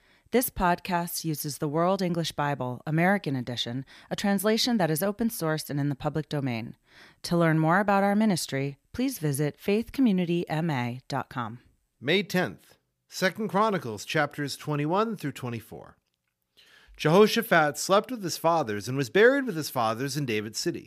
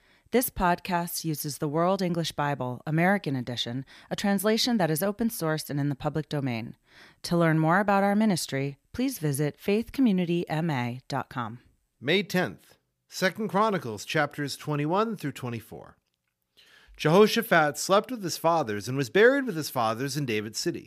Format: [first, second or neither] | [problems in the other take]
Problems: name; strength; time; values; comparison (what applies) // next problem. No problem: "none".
neither | none